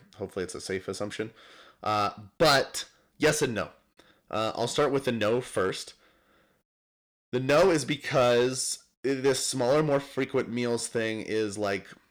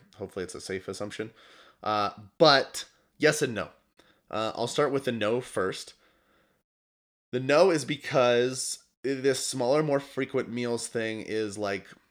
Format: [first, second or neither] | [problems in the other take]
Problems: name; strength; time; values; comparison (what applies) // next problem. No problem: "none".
second | distortion; slight; 3% of the sound clipped